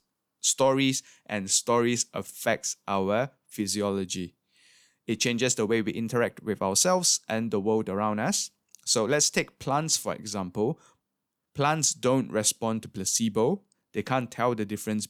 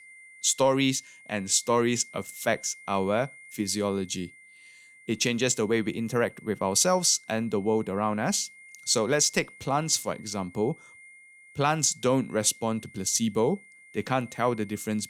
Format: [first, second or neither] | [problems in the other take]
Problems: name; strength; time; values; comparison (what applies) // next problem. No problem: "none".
first | high-pitched whine; faint; throughout; 2 kHz, 20 dB below the speech